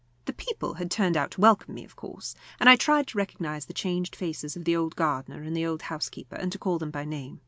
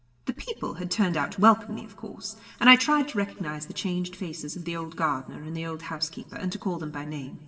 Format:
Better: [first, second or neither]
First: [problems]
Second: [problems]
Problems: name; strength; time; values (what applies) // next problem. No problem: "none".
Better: first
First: none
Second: room echo; dies away in 2.3 s